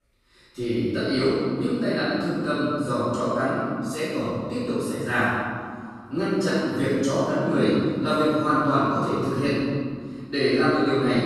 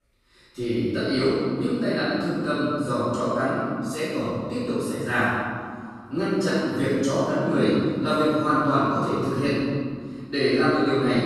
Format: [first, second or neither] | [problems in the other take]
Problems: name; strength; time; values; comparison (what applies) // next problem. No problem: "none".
neither | off-mic speech; far; the same in both // room echo; strong; dies away in 2 s; the same in both